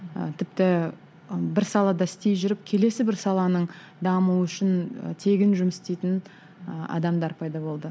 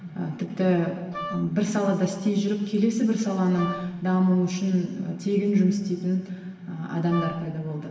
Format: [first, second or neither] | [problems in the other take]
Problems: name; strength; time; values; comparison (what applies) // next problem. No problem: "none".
first | background sound (Wind instrument, woodwind instrument); 11 dB below the speech // room echo; dies away in 1.3 s